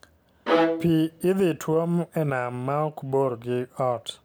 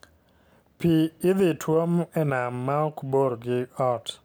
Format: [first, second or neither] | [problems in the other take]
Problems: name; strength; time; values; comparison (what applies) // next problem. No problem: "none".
second | background sound (Bowed string instrument); 2 dB below the speech